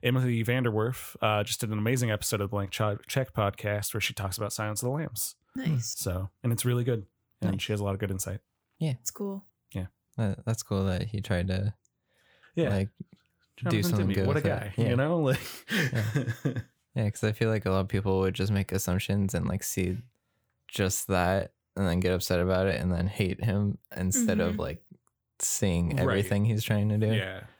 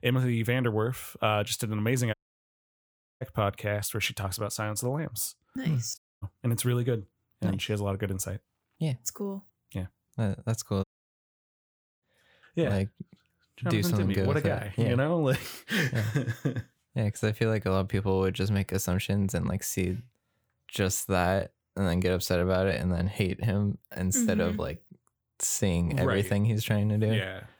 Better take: first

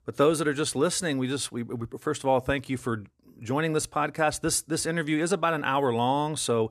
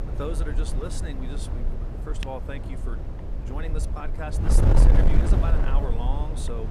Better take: first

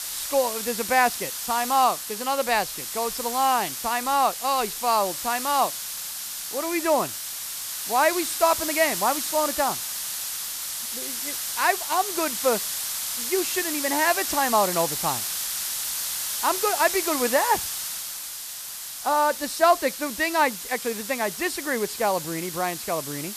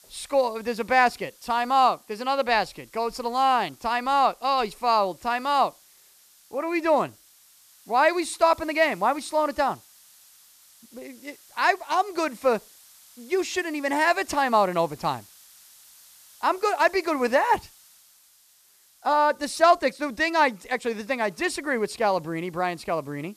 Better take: second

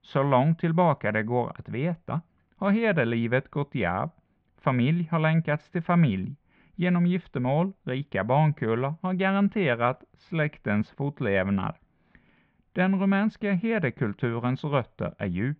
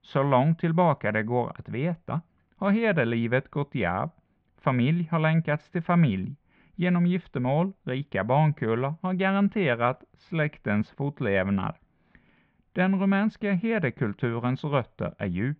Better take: neither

